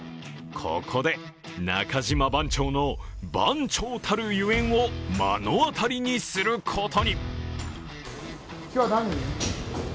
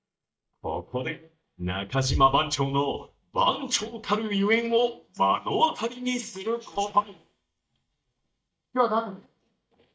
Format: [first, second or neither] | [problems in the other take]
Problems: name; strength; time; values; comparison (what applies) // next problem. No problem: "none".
first | noise reduction (neural mask model DeepFilterNet 3)